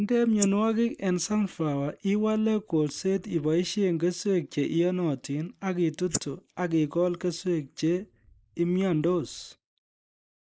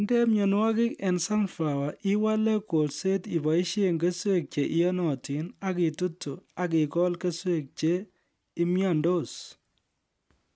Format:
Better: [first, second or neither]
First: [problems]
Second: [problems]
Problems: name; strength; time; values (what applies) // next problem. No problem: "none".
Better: second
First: noise reduction (neural mask model Resemble Enhance denoiser)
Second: none